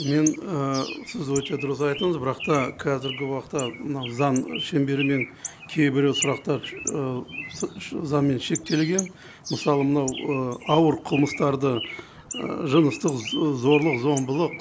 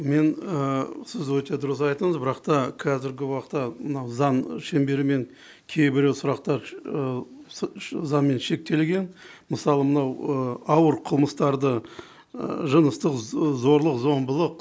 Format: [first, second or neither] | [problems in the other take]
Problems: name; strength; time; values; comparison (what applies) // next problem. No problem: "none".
second | background sound (Bird); 12 dB below the speech